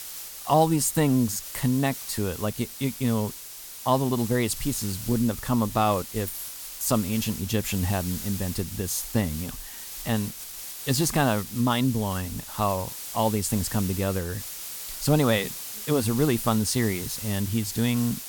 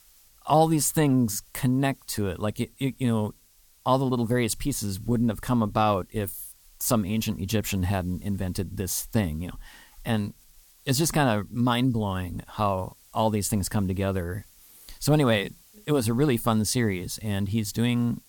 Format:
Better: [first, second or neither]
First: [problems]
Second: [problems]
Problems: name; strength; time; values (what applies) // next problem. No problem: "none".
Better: second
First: hiss; loud; throughout; 9 dB below the speech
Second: hiss; faint; throughout; 30 dB below the speech